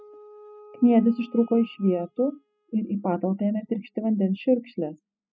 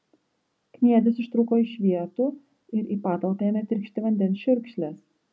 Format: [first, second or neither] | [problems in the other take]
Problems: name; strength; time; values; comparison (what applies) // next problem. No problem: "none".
second | noise reduction (classical method spectral subtraction)